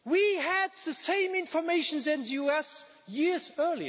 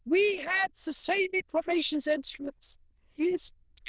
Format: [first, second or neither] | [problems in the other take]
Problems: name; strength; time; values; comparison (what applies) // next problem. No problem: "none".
first | noise reduction (neural diffusion model UNIVERSE++)